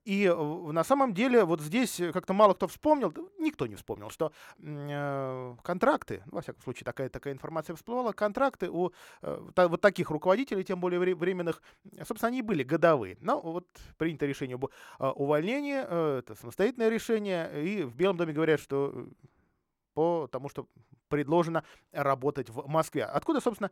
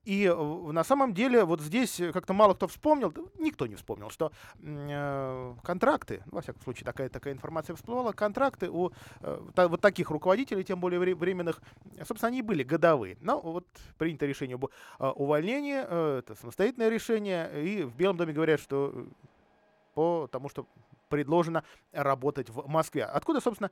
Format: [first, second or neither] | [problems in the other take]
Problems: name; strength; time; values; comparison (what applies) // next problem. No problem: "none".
first | traffic noise; faint; throughout; 30 dB below the speech